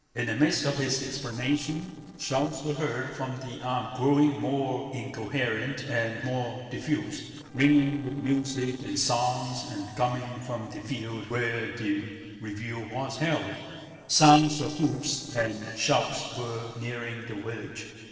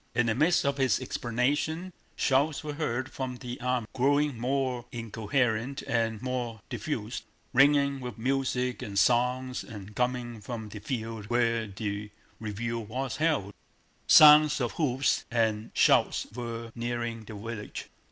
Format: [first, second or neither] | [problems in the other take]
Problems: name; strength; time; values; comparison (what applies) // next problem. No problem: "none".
second | noise reduction (neural separator model SepFormer DNS4)